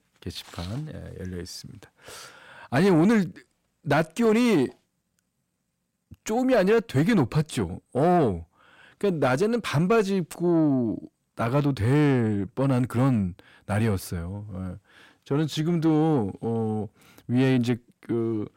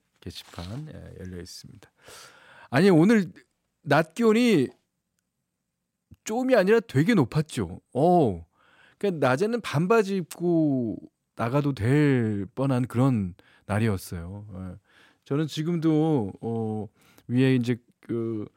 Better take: second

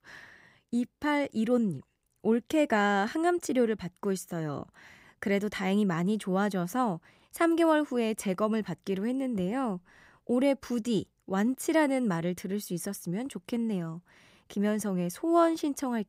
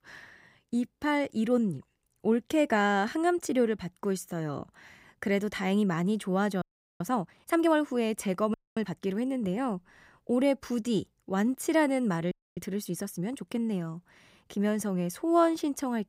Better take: first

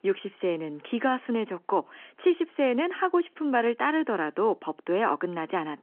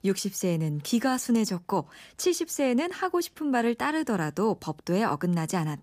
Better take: second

